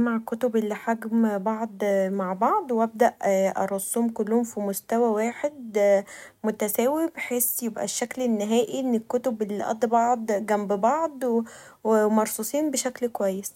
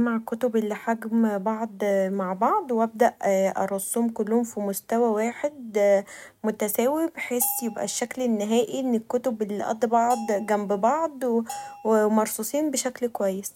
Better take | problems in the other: first | background sound (Bell); 17 dB below the speech

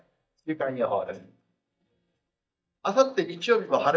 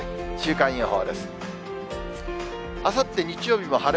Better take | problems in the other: second | noise reduction (neural mask model DeepFilterNet 3)

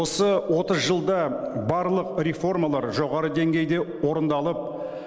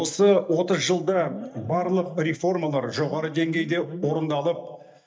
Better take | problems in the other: first | noise reduction (neural mask model DeepFilterNet 3)

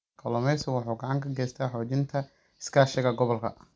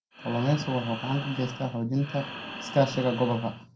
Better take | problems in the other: first | background sound (Breathing); 11 dB below the speech // room echo; dies away in 0.2 s

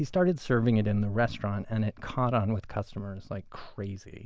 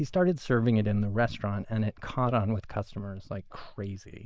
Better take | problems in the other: first | noise reduction (neural mask model Resemble Enhance denoiser)

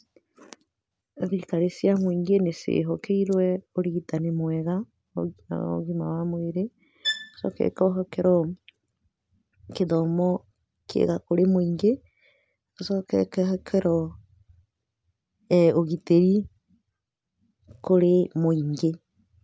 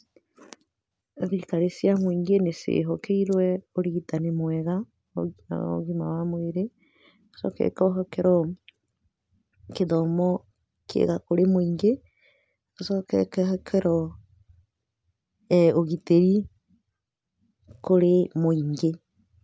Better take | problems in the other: second | background sound (Bowed string instrument); 8 dB below the speech

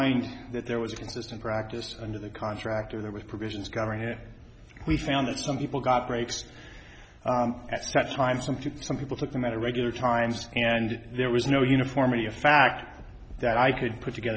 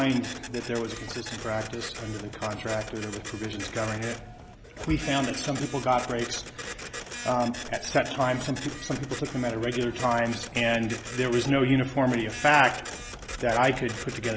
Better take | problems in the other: first | background sound (Printer); 12 dB below the speech

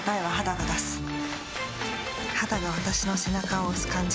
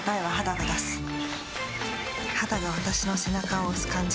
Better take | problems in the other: first | background sound (Bird); 15 dB below the speech

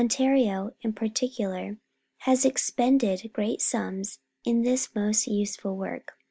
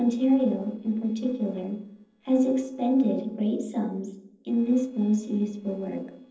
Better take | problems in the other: first | noise reduction (neural separator model SepFormer DNS4)

